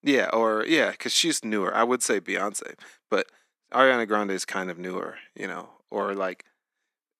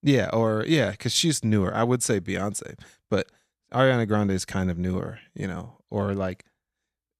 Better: second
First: thin; somewhat; fading below 250 Hz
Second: none

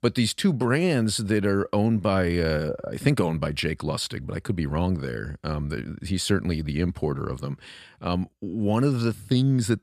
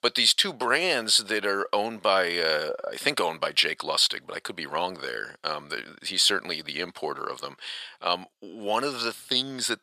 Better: first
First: none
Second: thin; very; fading below 700 Hz

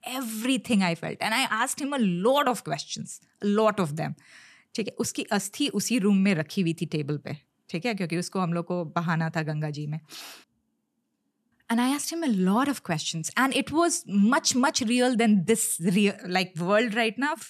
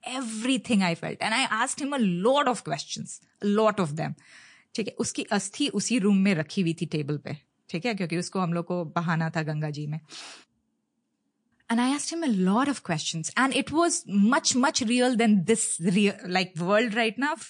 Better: first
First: none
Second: garbled, watery; slightly; nothing above 9 kHz

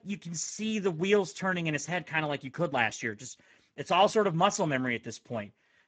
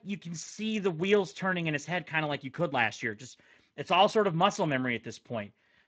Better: second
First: garbled, watery; badly; nothing above 7.5 kHz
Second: garbled, watery; slightly; nothing above 7.5 kHz

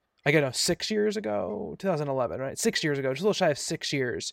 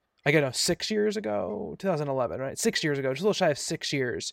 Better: neither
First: none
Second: none

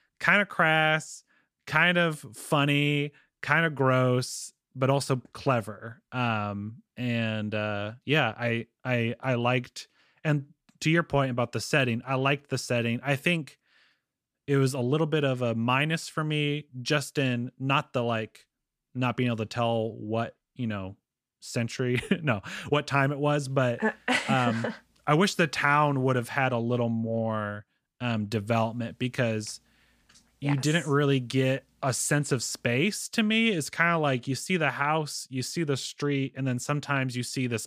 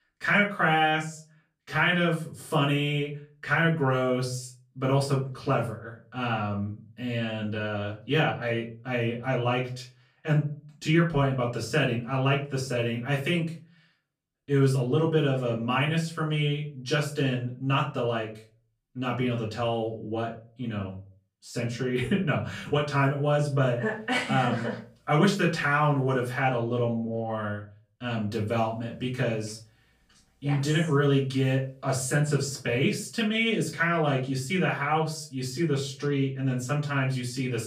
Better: first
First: none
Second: room echo; slight; dies away in 0.3 s // off-mic speech; far

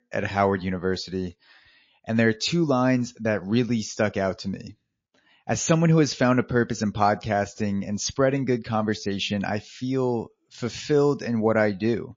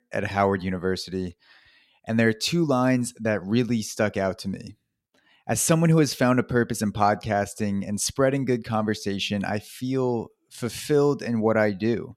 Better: second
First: garbled, watery; slightly; nothing above 6.5 kHz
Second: none

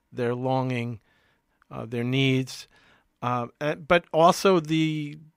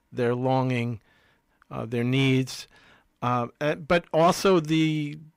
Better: first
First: none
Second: distortion; slight; 10 dB below the speech

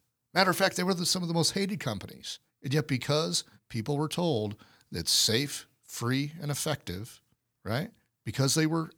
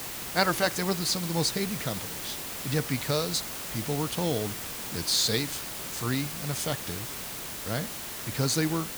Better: first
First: none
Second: hiss; loud; throughout; 5 dB below the speech

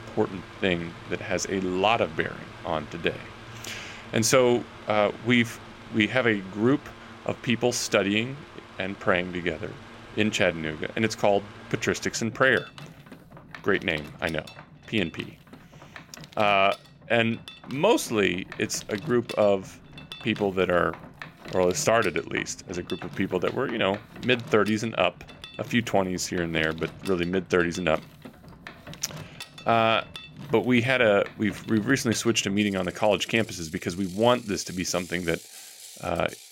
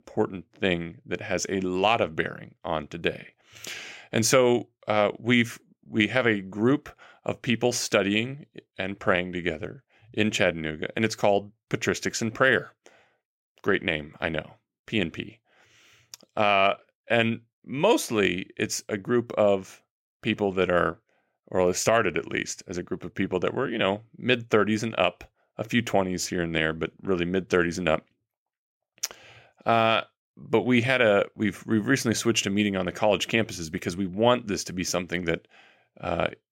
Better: second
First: machinery noise; noticeable; throughout; 20 dB below the speech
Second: none

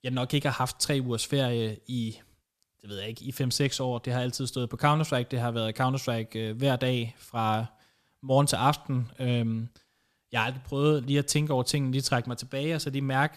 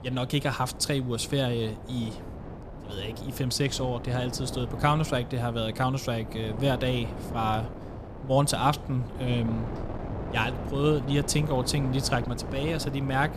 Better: first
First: none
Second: wind noise on the microphone; occasional gusts; 10 dB below the speech

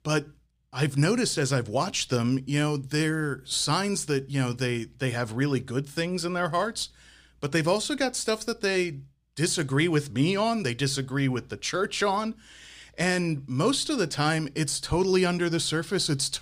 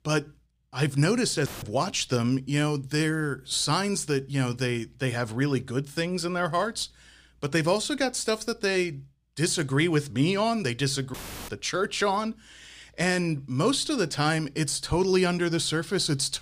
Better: first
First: none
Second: audio cutting out; filled with static; at 1.5 s and at 11 s

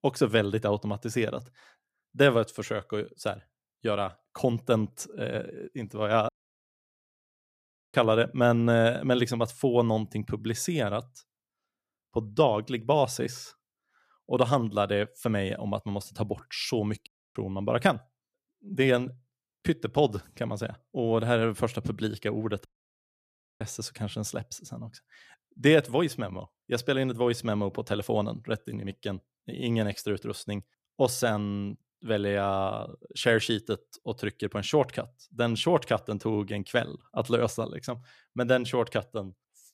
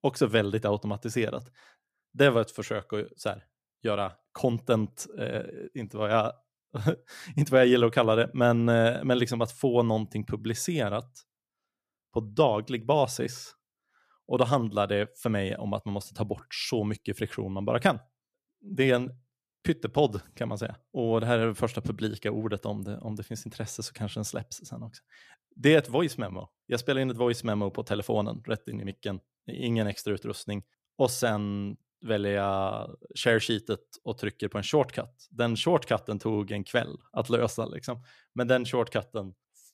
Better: second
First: audio cutting out; at 6.5 s for 1.5 s, at 17 s and at 23 s for 1 s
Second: none

